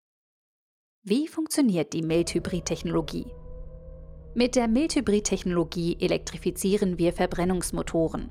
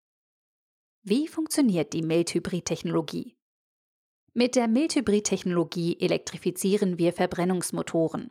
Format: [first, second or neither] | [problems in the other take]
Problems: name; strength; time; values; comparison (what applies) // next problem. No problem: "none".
second | low rumble; faint; from 2 s on; 25 dB below the speech